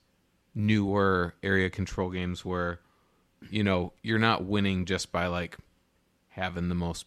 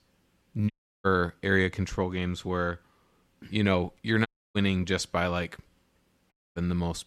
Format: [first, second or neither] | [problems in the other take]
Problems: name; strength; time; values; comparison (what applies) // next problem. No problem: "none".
first | audio cutting out; at 0.5 s, at 4.5 s and at 6.5 s